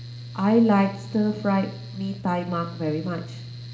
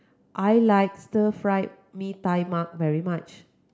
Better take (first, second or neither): second